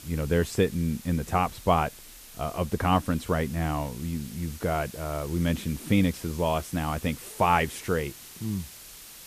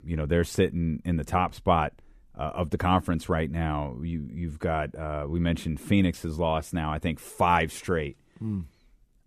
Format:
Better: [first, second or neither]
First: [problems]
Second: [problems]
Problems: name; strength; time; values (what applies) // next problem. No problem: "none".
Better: second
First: hiss; noticeable; throughout; 15 dB below the speech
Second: none